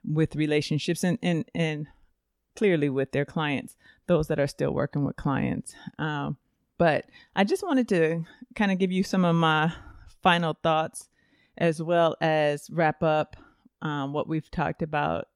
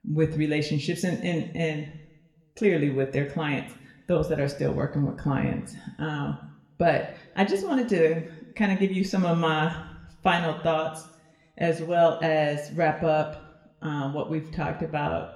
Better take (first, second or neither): first